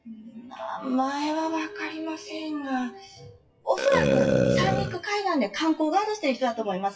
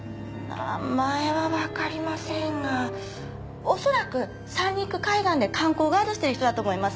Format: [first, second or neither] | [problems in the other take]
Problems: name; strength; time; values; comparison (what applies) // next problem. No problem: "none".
second | noise reduction (classical method WPE with log-MMSE)